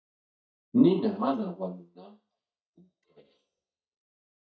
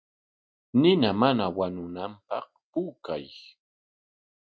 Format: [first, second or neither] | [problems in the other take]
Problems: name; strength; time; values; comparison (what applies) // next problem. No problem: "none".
second | noise reduction (neural mask model DeepFilterNet 3)